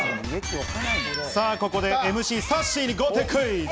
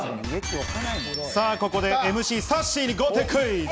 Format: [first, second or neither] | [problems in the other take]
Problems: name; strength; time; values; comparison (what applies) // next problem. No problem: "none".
second | background sound (Meow); 10 dB below the speech